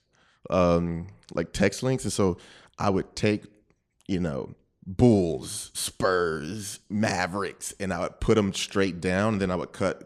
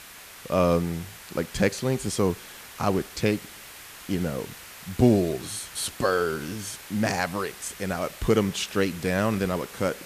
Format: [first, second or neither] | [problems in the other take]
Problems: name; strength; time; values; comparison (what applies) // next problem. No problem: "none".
first | hiss; noticeable; throughout; 15 dB below the speech